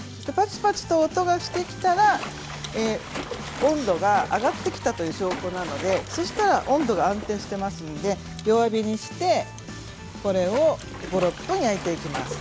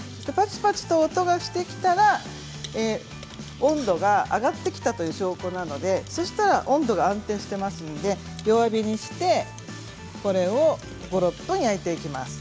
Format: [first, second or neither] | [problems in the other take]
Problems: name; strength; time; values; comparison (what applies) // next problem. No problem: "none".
second | background sound (Splash, splatter); 14 dB below the speech